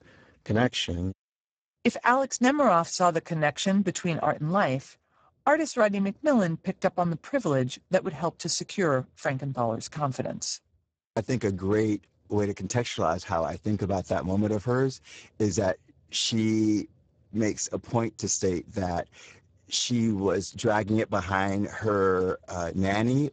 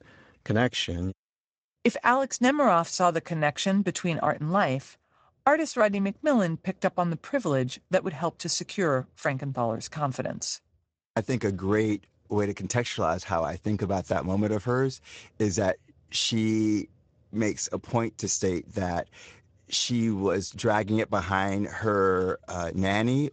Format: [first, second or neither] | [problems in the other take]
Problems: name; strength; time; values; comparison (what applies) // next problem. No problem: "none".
second | garbled, watery; badly; nothing above 7.5 kHz; slightly in the second